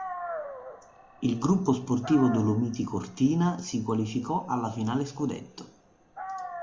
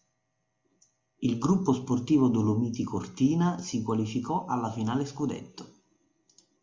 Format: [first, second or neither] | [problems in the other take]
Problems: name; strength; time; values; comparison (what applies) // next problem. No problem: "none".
second | background sound (Dog); 14 dB below the speech